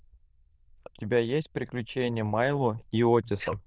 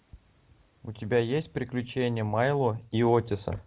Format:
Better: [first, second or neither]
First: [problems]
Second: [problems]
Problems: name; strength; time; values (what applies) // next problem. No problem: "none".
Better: second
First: noise reduction (neural diffusion model UNIVERSE++)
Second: none